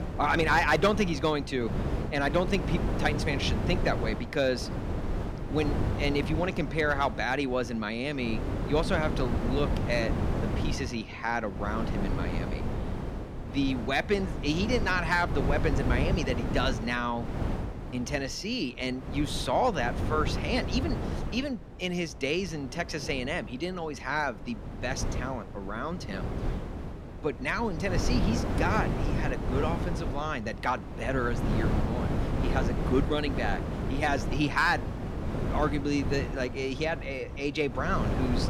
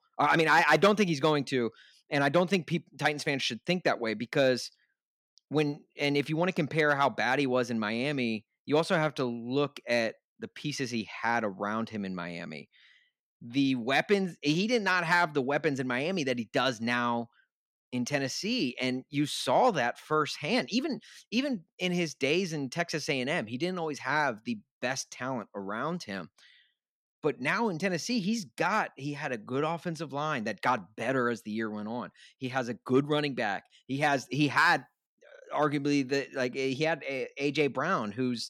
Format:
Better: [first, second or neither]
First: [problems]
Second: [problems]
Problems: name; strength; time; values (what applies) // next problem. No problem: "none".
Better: second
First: wind noise on the microphone; heavy; 8 dB below the speech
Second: none